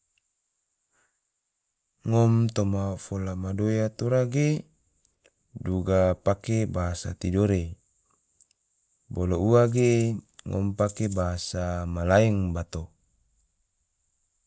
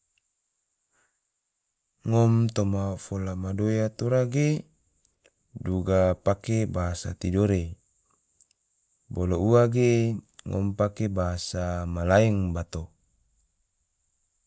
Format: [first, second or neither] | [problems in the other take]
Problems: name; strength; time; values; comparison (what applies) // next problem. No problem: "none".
second | background sound (Rattle (instrument)); 20 dB below the speech